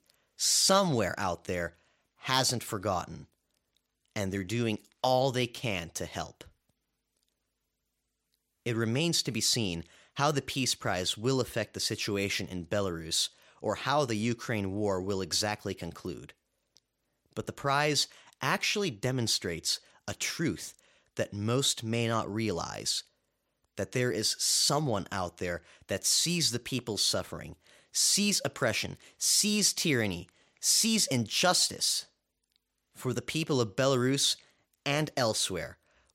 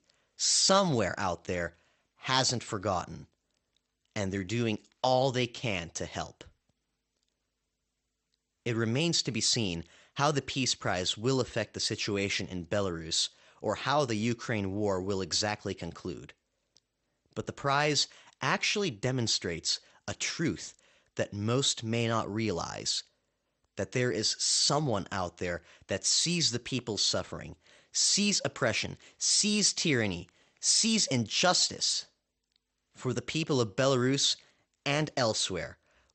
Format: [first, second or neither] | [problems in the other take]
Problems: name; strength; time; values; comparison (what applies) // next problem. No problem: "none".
first | garbled, watery; slightly; nothing above 8.5 kHz